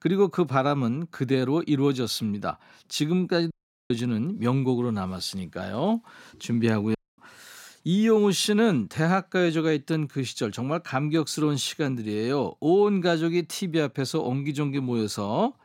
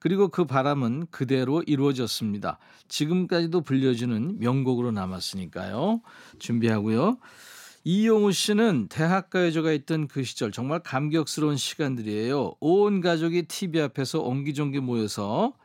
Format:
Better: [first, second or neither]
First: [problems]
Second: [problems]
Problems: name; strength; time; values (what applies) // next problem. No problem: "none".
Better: second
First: audio cutting out; at 3.5 s and at 7 s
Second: none